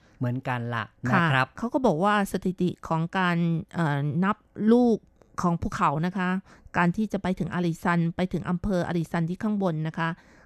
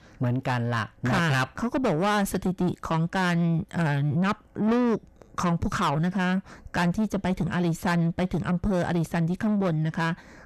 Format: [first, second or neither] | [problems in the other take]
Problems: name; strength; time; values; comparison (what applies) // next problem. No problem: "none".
first | distortion; heavy; 7 dB below the speech